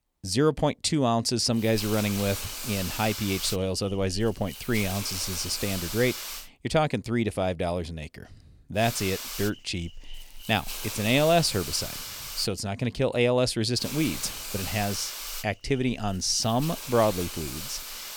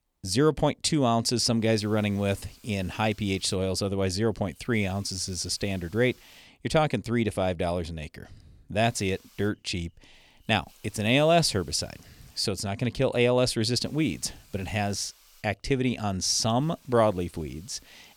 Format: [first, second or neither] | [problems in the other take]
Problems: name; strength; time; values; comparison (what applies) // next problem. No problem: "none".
second | hiss; loud; from 1.5 to 6.5 s, from 9 to 13 s and from 14 s on; 8 dB below the speech; faint in the second